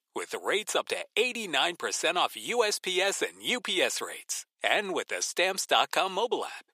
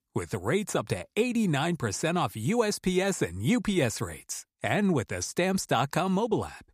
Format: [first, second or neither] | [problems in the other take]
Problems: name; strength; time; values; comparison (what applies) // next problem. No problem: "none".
second | thin; very; fading below 450 Hz